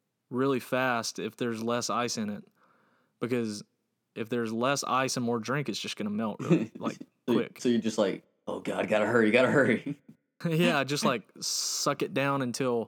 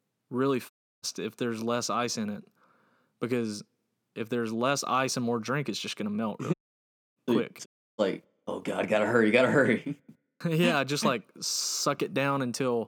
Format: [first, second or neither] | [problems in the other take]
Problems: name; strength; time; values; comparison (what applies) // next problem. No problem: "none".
first | audio cutting out; at 0.5 s, at 6.5 s for 0.5 s and at 7.5 s